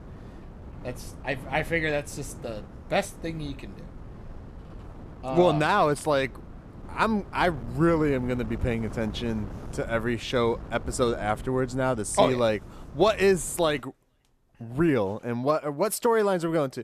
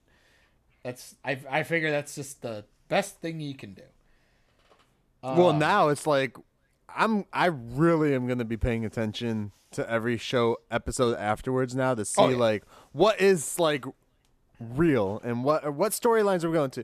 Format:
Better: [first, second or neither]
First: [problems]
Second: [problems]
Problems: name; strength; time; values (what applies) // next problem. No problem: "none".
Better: second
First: wind noise on the microphone; occasional gusts; until 14 s; 20 dB below the speech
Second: none